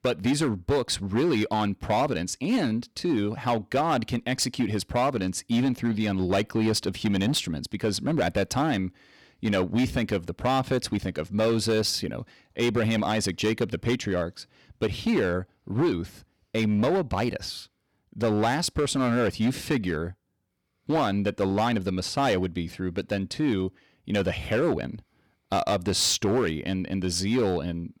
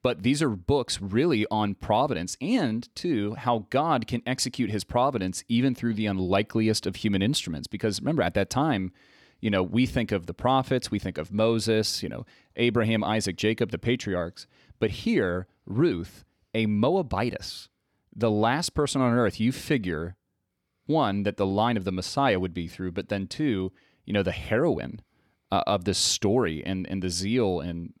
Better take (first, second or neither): second